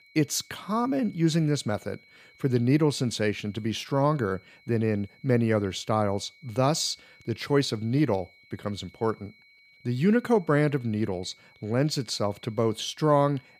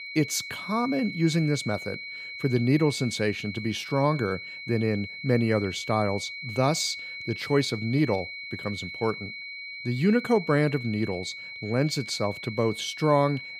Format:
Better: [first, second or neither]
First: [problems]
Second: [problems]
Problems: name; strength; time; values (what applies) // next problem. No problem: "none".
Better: first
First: high-pitched whine; faint; throughout; 2 kHz, 30 dB below the speech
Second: high-pitched whine; loud; throughout; 2 kHz, 9 dB below the speech